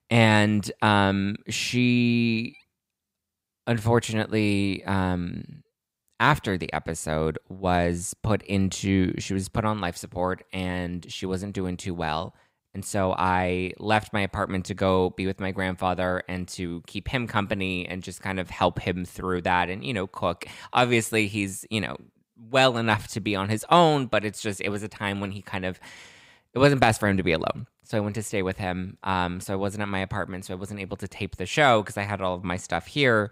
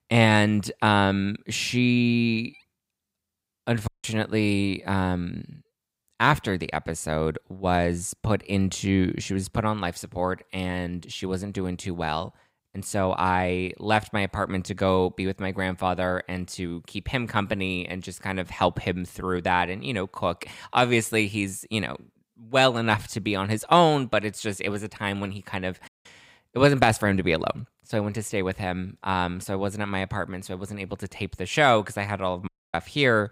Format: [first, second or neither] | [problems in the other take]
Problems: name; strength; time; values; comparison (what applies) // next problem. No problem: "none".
first | audio cutting out; at 4 s, at 26 s and at 32 s